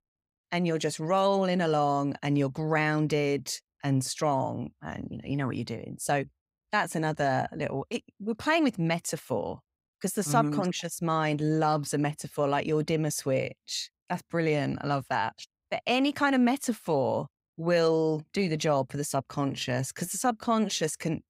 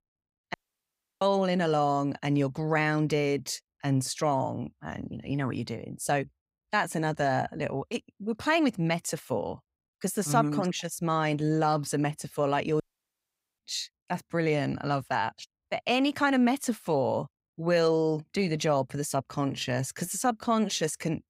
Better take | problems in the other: first | audio cutting out; at 0.5 s for 0.5 s and at 13 s for 1 s

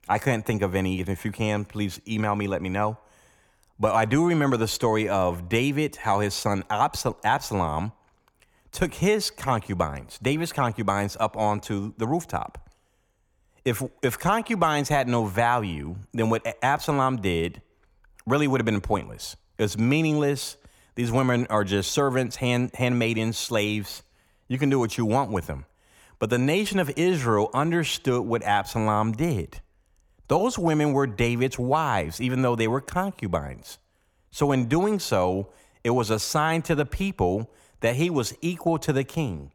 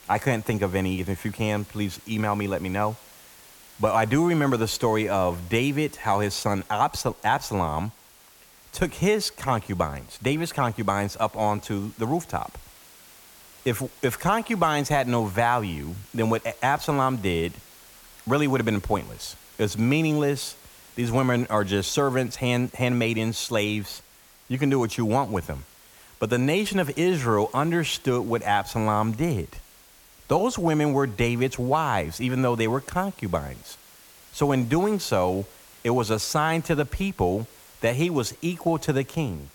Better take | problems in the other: first | hiss; faint; throughout; 25 dB below the speech

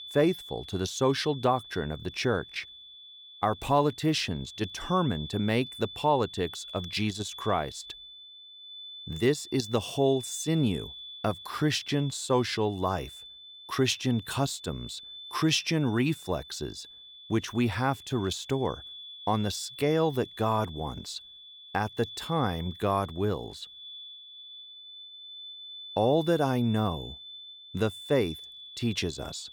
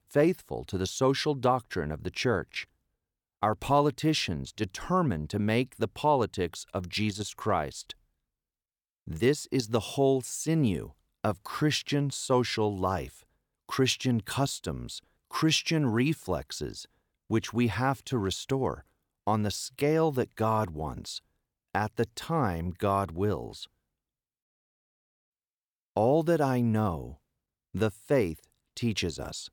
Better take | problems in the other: second | high-pitched whine; noticeable; throughout; 3.5 kHz, 15 dB below the speech

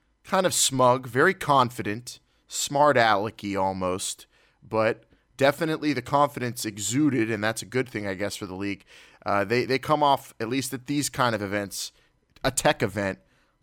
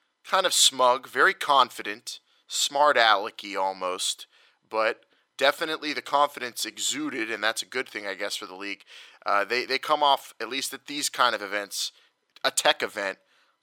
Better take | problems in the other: first | thin; somewhat; fading below 500 Hz

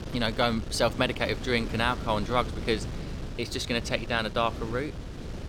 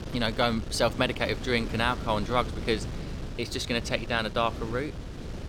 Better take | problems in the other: neither | wind noise on the microphone; occasional gusts; 15 dB below the speech; the same in both

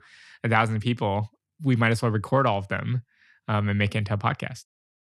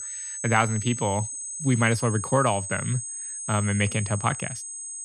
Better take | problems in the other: first | high-pitched whine; loud; throughout; 8 kHz, 6 dB below the speech

